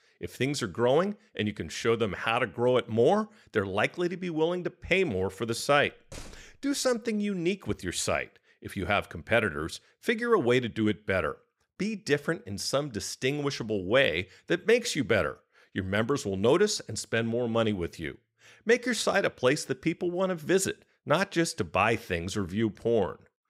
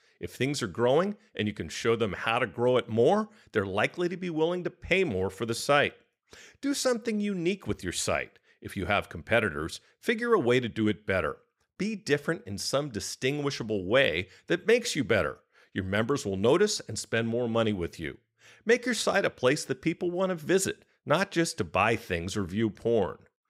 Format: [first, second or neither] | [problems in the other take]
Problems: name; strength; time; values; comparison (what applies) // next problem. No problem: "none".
second | door banging; faint; at 6 s; peak 15 dB below the speech